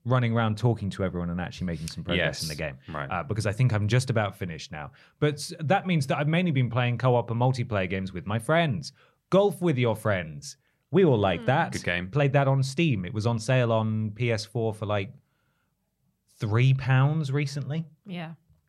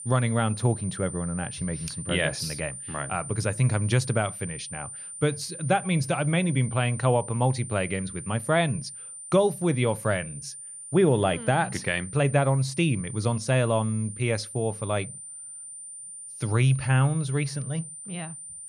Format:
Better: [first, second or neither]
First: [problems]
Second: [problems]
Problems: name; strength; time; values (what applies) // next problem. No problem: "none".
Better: first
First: none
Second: high-pitched whine; noticeable; throughout; 9 kHz, 10 dB below the speech